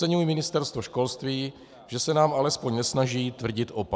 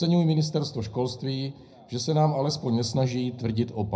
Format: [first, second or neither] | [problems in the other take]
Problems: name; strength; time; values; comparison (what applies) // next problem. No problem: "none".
first | room echo; dies away in 0.4 s